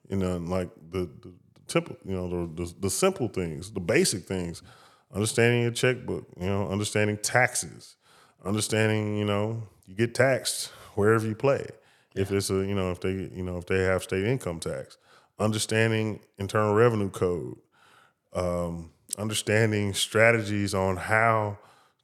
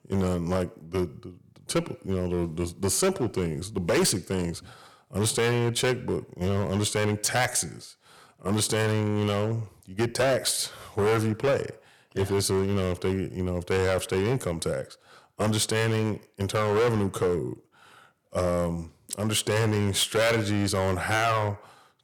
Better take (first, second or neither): first